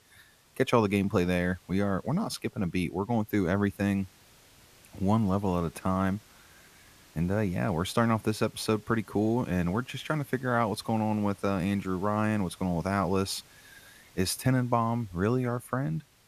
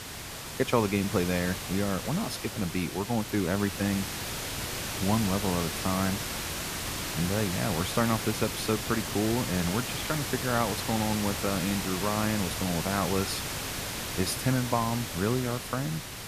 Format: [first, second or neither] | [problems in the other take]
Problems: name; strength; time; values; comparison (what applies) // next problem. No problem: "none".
first | hiss; loud; throughout; 3 dB below the speech; faint in the first